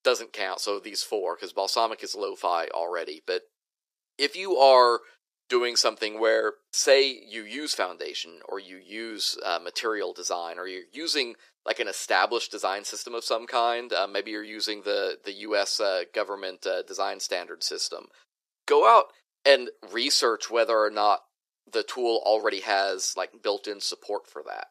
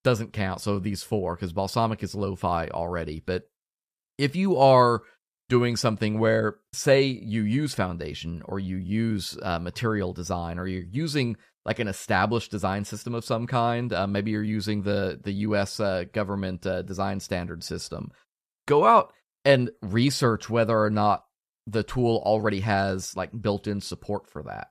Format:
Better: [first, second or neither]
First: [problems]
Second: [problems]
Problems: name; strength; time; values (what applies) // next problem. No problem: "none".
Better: second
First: thin; very; fading below 350 Hz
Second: none